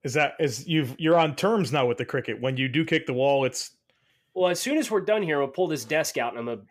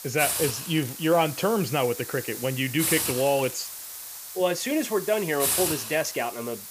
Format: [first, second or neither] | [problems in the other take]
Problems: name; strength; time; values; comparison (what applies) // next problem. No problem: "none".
first | hiss; loud; throughout; 4 dB below the speech